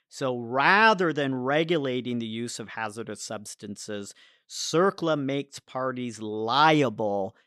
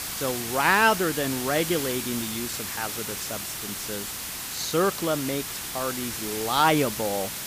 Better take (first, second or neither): first